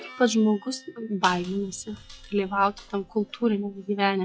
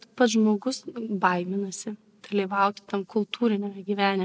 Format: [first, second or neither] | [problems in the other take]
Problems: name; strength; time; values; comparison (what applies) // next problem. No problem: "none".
second | noise reduction (classical method log-MMSE)